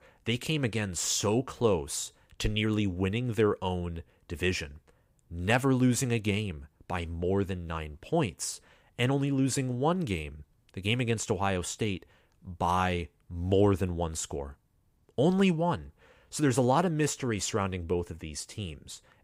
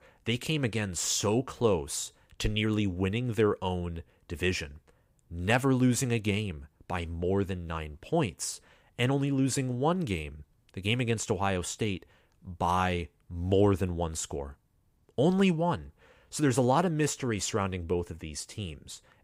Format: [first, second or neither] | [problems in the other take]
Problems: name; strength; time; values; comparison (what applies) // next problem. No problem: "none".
neither | none